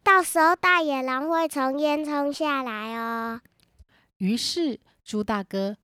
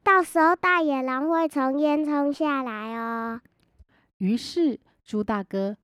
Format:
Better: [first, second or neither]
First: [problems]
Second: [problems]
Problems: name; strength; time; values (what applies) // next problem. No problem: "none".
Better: first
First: none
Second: muffled; slightly; fading above 2.5 kHz